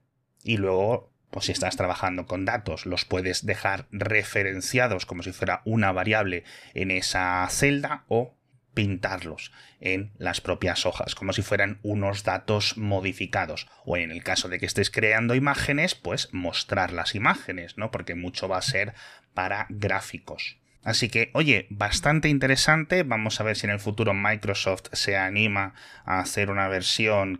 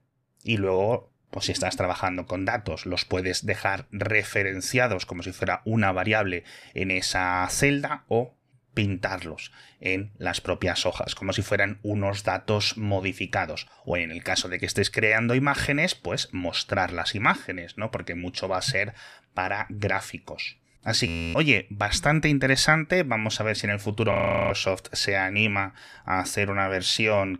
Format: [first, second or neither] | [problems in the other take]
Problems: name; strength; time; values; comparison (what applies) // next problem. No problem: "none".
first | audio freezing; at 21 s and at 24 s